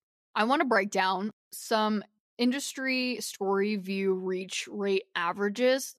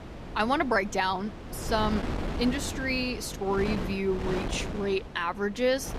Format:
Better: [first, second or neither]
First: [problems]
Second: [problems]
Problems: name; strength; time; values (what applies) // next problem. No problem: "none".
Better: first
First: none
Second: wind noise on the microphone; heavy; 10 dB below the speech